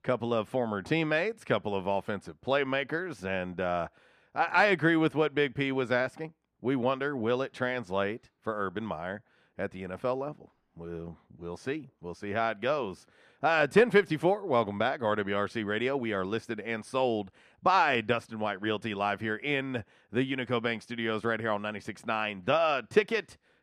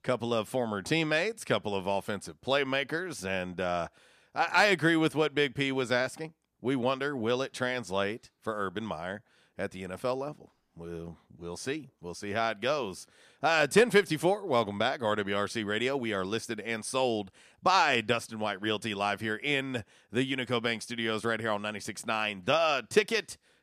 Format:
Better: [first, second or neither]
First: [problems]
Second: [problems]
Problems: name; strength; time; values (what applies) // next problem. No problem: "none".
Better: second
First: muffled; slightly; fading above 3.5 kHz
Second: none